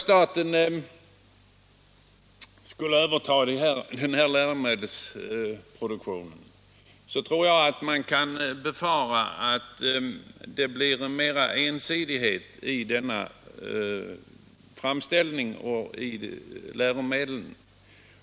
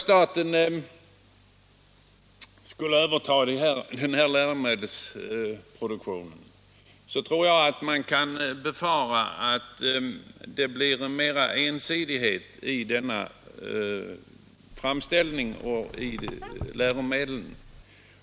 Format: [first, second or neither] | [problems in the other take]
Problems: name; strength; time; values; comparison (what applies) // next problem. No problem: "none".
first | background sound (Squeak); 15 dB below the speech